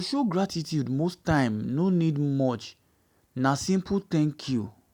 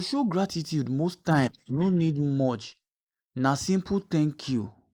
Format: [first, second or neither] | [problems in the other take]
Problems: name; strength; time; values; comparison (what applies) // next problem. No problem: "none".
first | noise reduction (neural mask model Resemble Enhance denoiser)